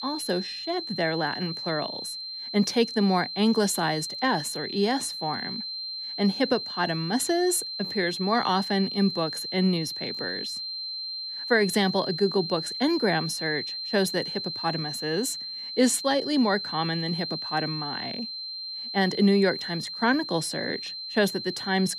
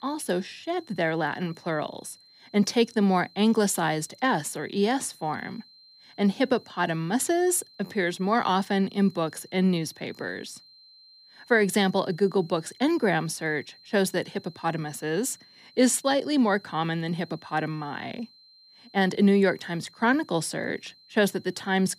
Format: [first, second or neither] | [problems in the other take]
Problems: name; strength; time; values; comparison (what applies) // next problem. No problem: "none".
second | high-pitched whine; loud; throughout; 4 kHz, 5 dB below the speech; faint in the second